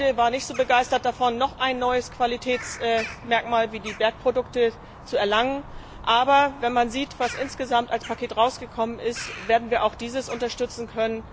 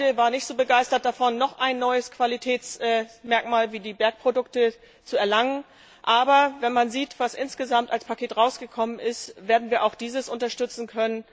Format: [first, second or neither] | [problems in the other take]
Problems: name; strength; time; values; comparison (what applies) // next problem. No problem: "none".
second | background sound (Bird vocalization, bird call, bird song); 16 dB below the speech